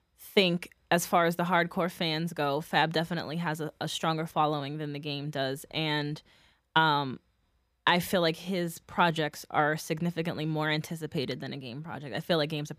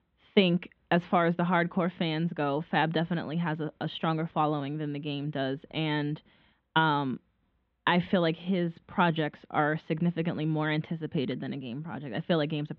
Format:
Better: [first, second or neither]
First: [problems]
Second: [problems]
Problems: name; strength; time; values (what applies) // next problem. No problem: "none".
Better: first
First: none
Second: muffled; very slightly; fading above 3.5 kHz